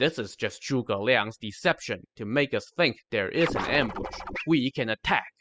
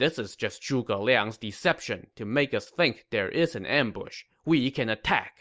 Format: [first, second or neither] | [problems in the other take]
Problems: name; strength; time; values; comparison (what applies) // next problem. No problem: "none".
second | noise reduction (classical method spectral subtraction)